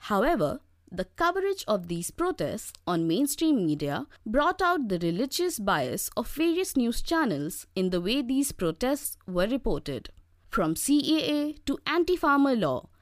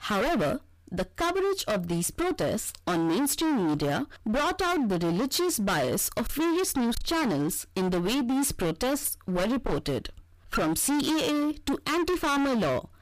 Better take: first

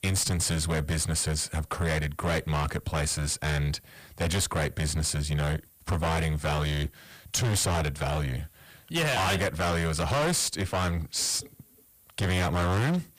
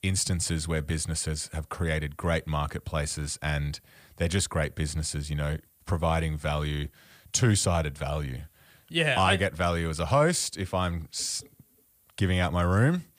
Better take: second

